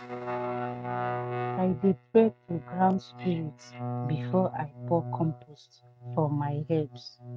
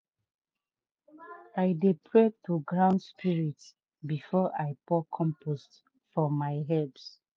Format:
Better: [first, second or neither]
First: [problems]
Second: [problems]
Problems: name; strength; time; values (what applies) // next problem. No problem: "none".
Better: second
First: noise reduction (neural mask model RNNoise)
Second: none